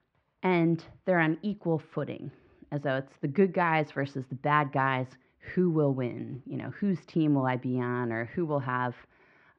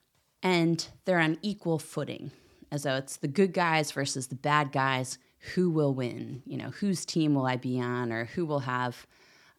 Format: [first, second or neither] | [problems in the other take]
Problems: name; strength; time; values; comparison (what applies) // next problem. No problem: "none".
second | muffled; very; fading above 2.5 kHz